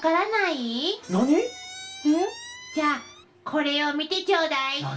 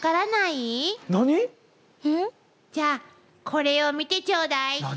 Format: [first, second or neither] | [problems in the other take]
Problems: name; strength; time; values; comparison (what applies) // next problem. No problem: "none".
second | background sound (Squeak); 16 dB below the speech // room echo; dies away in 0.2 s